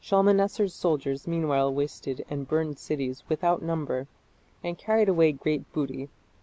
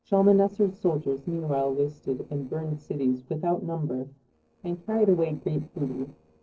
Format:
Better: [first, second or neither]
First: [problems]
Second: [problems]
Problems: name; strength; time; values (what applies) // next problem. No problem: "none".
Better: first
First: none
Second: noise reduction (neural separator model SepFormer DNS4)